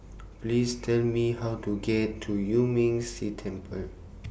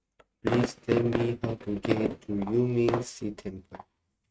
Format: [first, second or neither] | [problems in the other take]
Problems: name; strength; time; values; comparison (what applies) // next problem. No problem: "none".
first | noise reduction (neural mask model RNNoise)